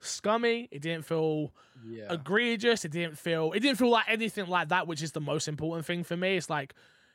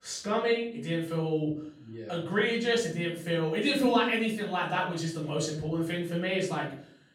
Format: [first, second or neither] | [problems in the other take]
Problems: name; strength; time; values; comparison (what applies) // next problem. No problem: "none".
first | off-mic speech; far // room echo; noticeable; dies away in 0.5 s